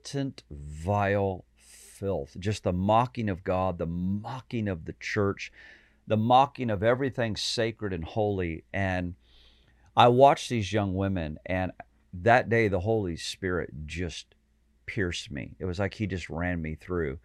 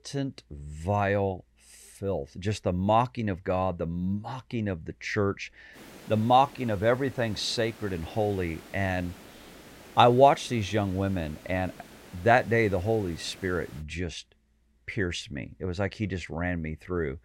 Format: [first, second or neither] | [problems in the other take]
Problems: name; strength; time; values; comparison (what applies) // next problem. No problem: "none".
first | hiss; faint; from 6 to 14 s; 20 dB below the speech